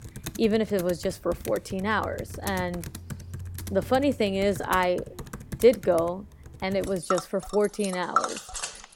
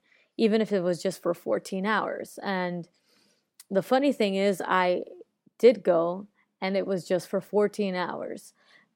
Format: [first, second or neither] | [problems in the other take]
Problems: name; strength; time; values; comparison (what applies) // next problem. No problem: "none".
second | household noises; loud; throughout; 10 dB below the speech